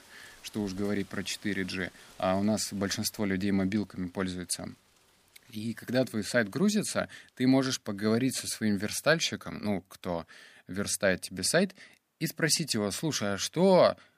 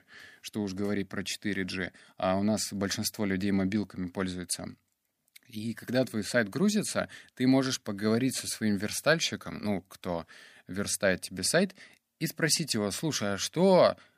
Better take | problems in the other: second | rain or running water; faint; throughout; 25 dB below the speech

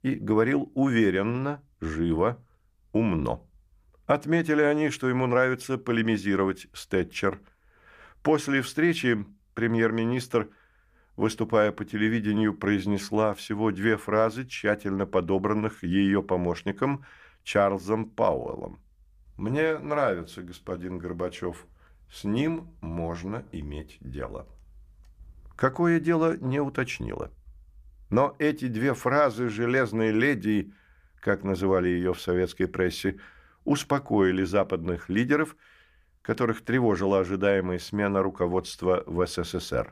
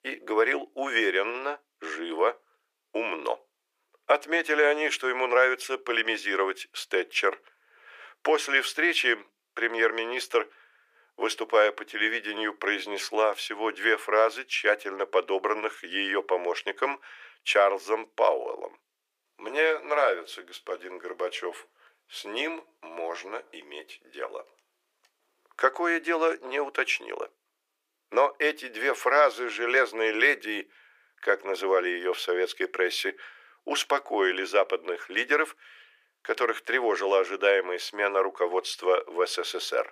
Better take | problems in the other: first | thin; very; fading below 400 Hz

